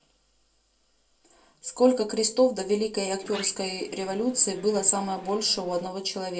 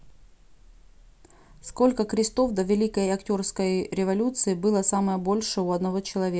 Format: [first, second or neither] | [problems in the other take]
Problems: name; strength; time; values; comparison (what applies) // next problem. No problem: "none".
second | noise reduction (neural separator model SepFormer DNS4)